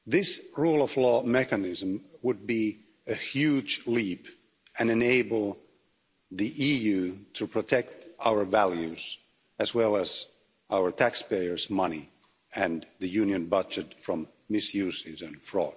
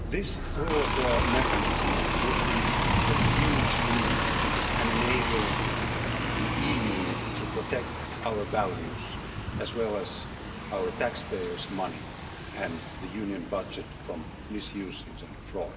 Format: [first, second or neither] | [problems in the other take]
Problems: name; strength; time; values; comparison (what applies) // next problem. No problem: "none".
first | background sound (Bus); 5 dB above the speech // room echo; dies away in 2.3 s